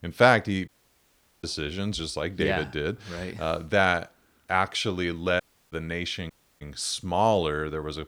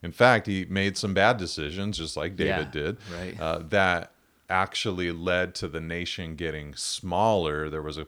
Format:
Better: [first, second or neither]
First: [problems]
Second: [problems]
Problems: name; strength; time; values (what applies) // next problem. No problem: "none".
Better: second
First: audio cutting out; at 0.5 s for 0.5 s, at 5.5 s and at 6.5 s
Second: none